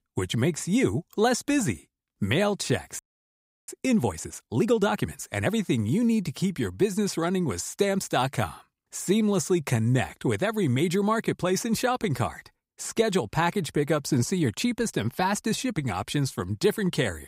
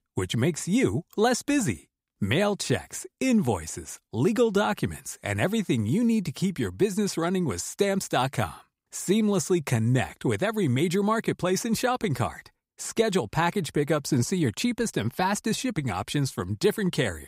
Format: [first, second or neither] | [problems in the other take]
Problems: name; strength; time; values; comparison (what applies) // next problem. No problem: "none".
second | audio freezing; at 3 s for 0.5 s